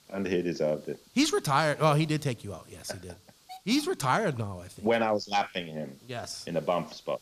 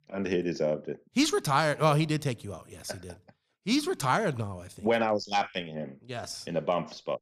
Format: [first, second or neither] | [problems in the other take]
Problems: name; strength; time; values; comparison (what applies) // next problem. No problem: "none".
second | hiss; faint; throughout; 25 dB below the speech